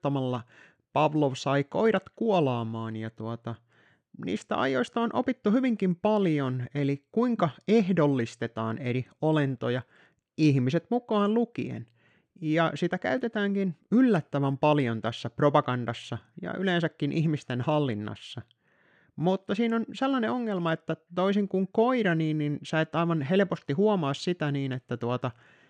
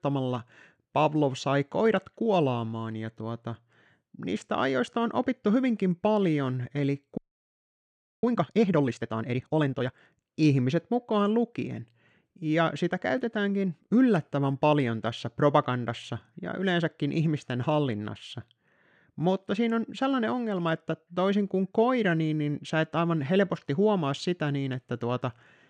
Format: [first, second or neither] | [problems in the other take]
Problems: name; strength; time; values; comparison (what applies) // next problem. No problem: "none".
first | audio freezing; at 7 s for 1 s